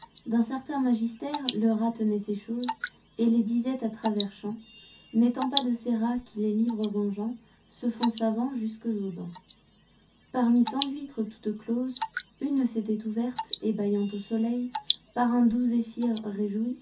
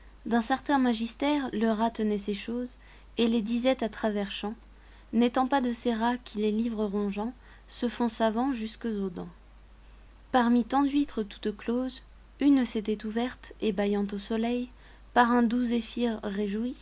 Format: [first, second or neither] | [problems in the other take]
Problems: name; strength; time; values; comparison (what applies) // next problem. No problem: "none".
second | background sound (Drip / Water); 13 dB below the speech // room echo; dies away in 0.3 s